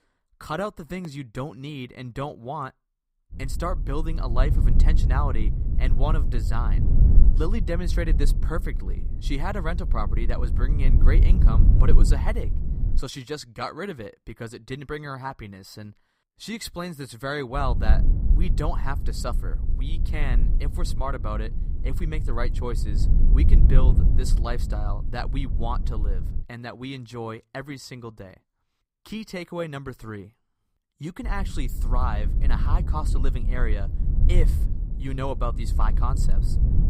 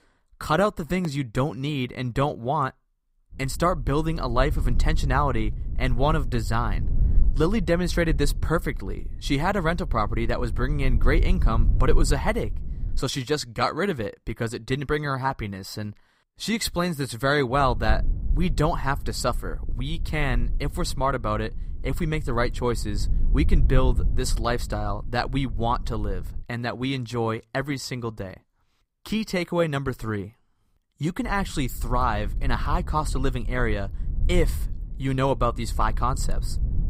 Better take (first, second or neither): second